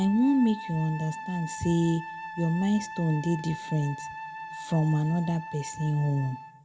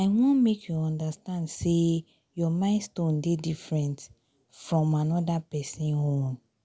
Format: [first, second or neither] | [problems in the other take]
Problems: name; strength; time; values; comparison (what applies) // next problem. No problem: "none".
second | background sound (Wind instrument, woodwind instrument); 12 dB below the speech // room echo; dies away in 0.6 s